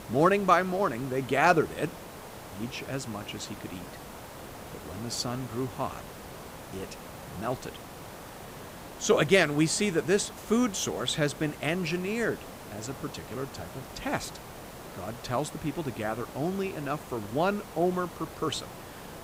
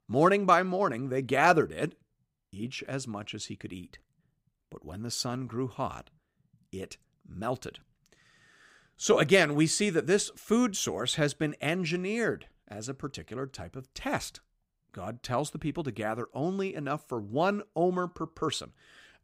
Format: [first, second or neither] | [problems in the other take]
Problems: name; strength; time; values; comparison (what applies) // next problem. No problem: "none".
second | hiss; noticeable; throughout; 15 dB below the speech